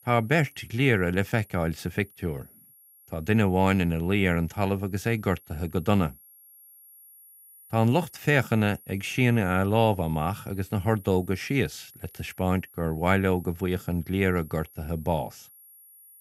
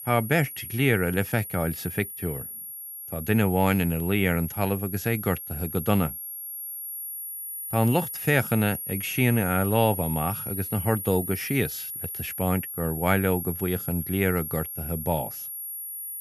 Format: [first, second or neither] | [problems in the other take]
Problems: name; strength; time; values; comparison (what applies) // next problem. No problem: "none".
first | high-pitched whine; loud; throughout; 11.5 kHz, 7 dB below the speech; faint in the first